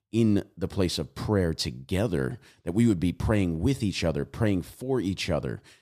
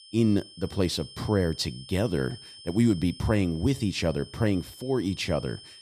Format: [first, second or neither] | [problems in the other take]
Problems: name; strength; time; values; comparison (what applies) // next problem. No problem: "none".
first | high-pitched whine; noticeable; throughout; 5 kHz, 20 dB below the speech